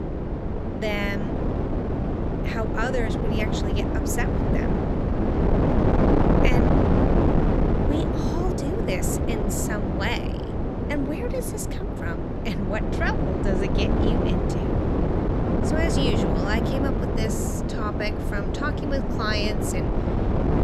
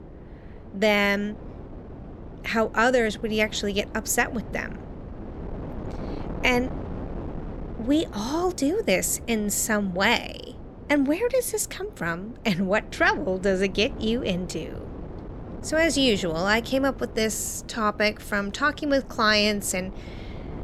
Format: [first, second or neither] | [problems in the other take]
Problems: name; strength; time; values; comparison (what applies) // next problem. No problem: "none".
second | wind noise on the microphone; heavy; 2 dB above the speech; occasional gusts in the second